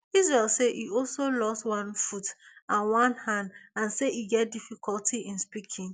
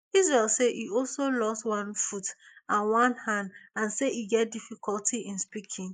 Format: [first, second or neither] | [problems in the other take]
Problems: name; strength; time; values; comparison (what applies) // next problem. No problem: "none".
first | noise reduction (neural mask model Resemble Enhance denoiser)